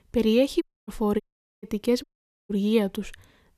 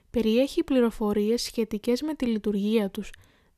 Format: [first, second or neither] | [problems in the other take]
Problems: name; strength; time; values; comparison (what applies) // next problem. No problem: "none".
second | audio cutting out; at 0.5 s, at 1 s and at 2 s